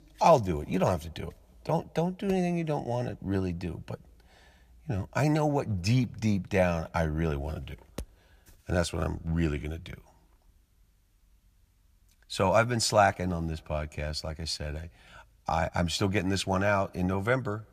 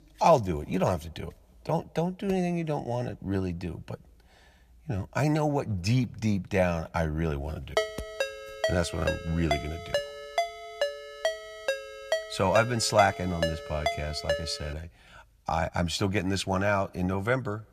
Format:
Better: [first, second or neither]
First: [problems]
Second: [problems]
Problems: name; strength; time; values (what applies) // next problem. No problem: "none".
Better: first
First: none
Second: phone ringing; noticeable; from 8 to 14 s; peak 2 dB below the speech